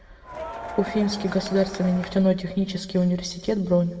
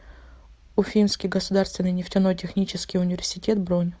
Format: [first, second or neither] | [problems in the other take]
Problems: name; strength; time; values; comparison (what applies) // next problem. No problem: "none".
second | background sound (Crowd); 12 dB below the speech // room echo; dies away in 1.4 s